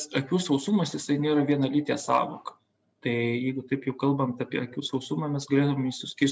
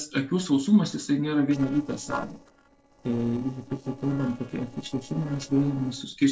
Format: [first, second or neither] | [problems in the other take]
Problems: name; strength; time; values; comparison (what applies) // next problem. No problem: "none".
first | noise reduction (neural separator model SepFormer DNS4)